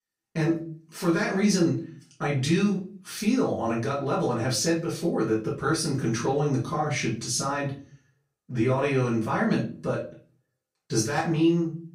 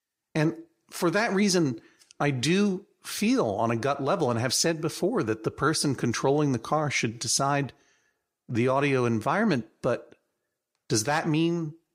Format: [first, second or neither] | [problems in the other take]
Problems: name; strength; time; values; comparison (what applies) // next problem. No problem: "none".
second | off-mic speech; far // room echo; slight; dies away in 0.3 s